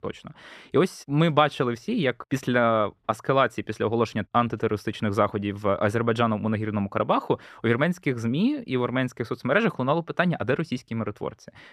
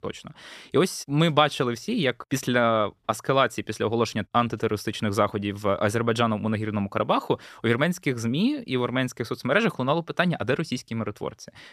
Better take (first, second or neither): second